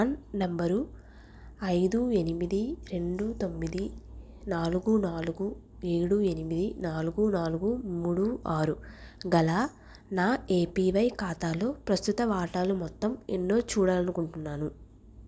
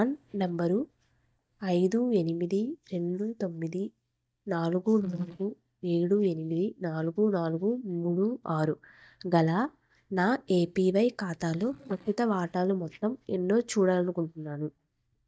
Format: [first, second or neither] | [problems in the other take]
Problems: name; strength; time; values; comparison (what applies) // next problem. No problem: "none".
first | noise reduction (neural mask model DeepFilterNet 3)